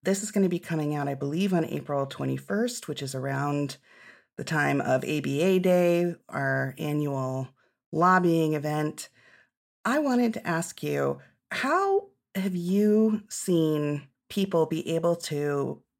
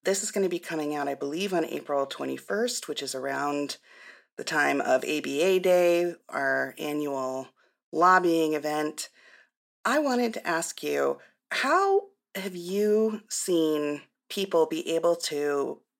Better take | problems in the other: first | thin; somewhat; fading below 300 Hz

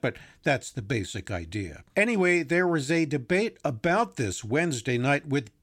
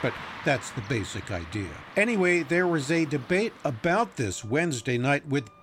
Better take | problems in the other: first | traffic noise; noticeable; throughout; 15 dB below the speech

